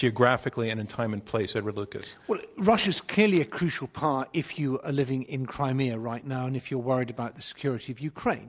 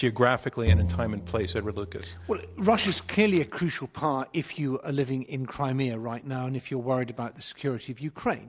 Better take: first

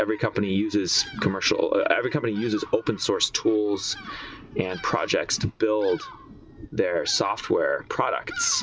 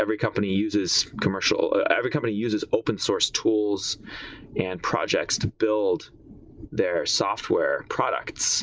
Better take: second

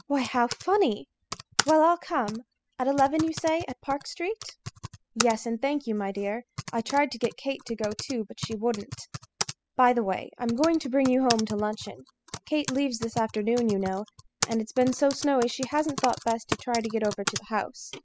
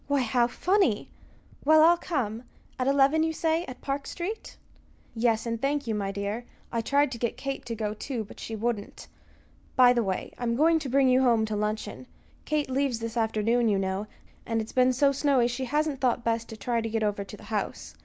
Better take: second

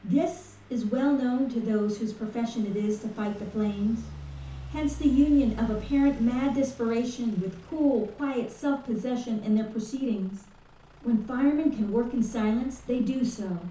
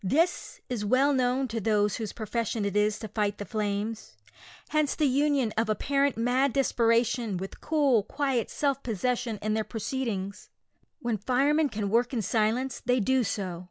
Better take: second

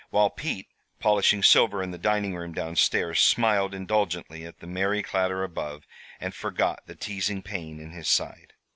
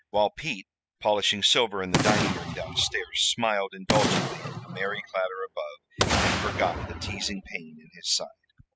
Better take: first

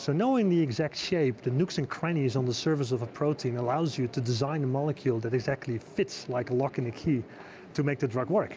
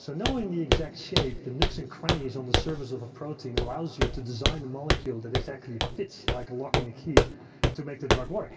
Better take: first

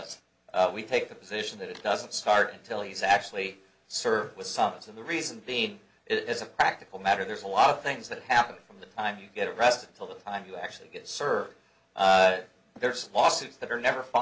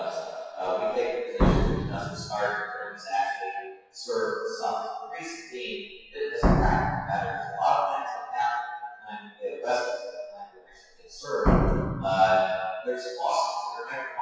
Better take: first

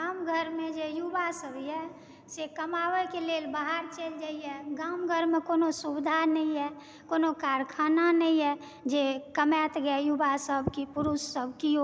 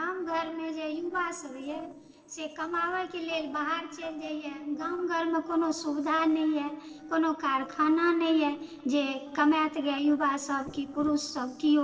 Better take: first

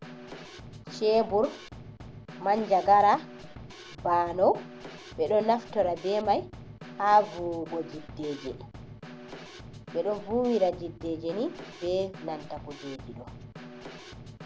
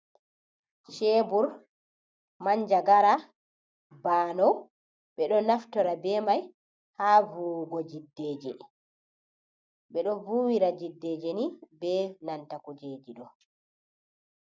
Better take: second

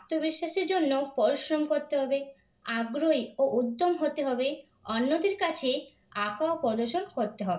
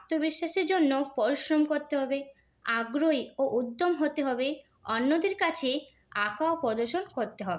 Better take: second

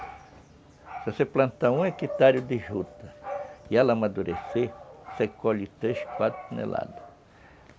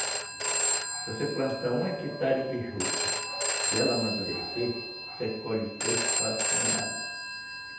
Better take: first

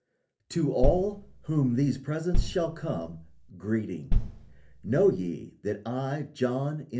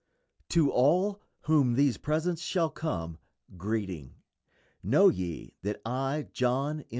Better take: second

